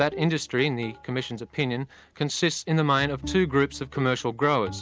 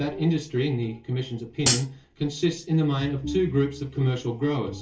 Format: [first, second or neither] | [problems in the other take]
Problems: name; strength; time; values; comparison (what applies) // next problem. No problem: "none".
first | background sound (Hi-hat); 1 dB above the speech // room echo; dies away in 0.3 s